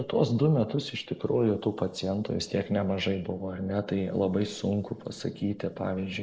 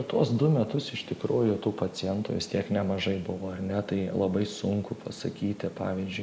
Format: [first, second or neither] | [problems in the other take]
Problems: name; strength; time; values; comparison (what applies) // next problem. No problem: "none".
second | noise reduction (neural mask model Resemble Enhance denoiser)